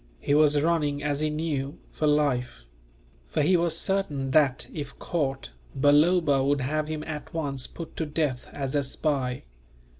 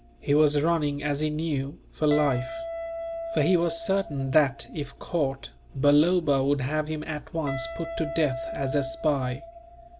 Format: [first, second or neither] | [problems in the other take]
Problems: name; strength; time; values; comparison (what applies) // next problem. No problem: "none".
first | background sound (Guitar); 11 dB below the speech